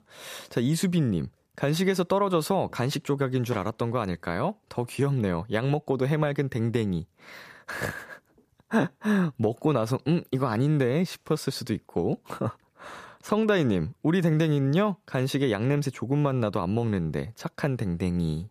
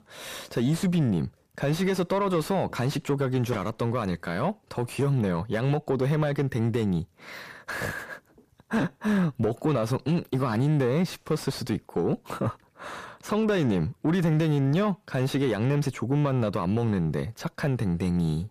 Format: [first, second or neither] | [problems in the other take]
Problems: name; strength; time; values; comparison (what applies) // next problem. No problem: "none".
first | distortion; slight; 10 dB below the speech